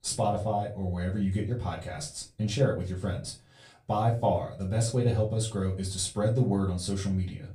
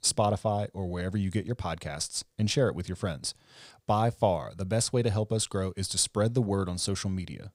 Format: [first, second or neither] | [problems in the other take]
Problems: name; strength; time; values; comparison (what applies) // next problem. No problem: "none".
second | off-mic speech; far // room echo; slight; dies away in 0.3 s